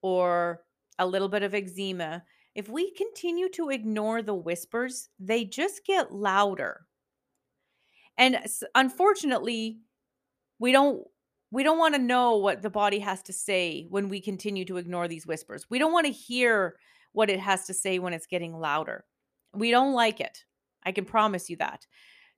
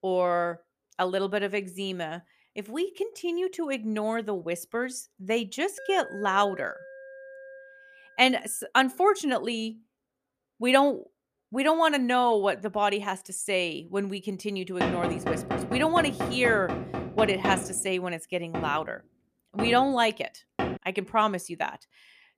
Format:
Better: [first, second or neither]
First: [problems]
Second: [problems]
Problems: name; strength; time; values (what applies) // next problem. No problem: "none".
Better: first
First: none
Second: alarm; faint; from 6 to 8.5 s; peak 15 dB below the speech // door banging; noticeable; from 15 to 21 s; peak 1 dB below the speech